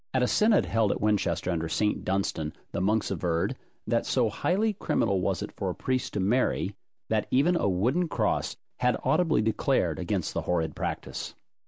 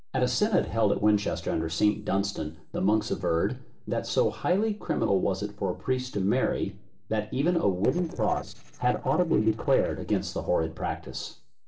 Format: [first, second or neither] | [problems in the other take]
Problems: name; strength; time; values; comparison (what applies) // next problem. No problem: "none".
first | noise reduction (neural separator model SepFormer DNS4)